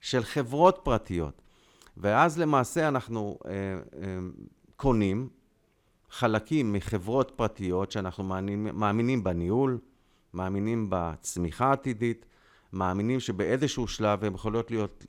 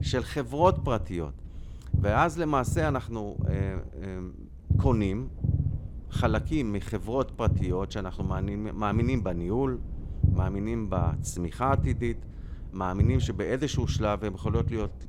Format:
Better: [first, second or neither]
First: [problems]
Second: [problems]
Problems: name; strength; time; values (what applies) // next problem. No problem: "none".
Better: first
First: none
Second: low rumble; noticeable; throughout; 15 dB below the speech